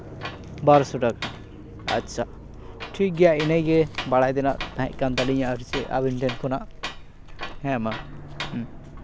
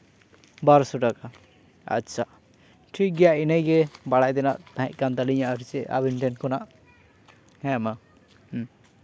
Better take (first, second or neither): second